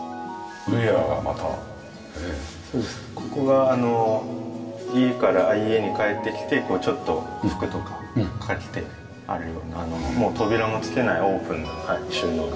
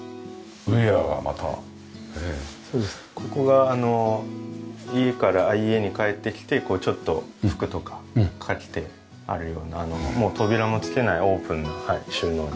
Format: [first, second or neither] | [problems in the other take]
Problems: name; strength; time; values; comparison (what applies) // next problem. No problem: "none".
second | background sound (Mallet percussion); 13 dB below the speech // room echo; dies away in 2.5 s